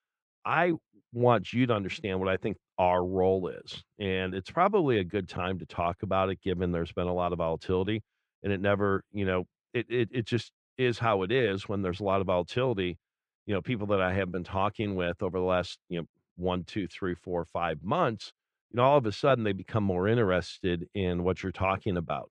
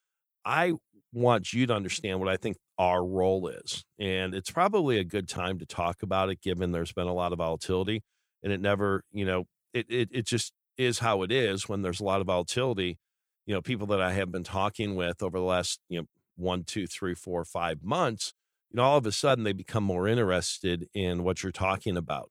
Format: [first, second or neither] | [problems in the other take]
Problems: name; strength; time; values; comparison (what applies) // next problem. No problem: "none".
second | muffled; slightly; fading above 2.5 kHz